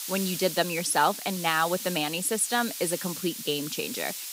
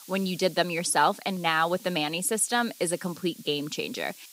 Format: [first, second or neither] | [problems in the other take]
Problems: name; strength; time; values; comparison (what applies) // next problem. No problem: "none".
second | hiss; loud; throughout; 7 dB below the speech; faint in the second